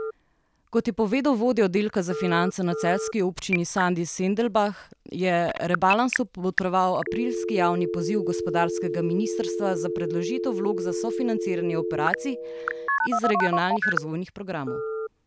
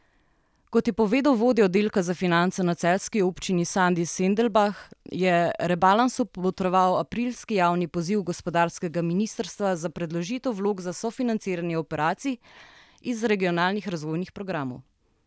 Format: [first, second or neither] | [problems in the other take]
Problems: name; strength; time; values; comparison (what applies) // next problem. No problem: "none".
second | background sound (Telephone); 4 dB below the speech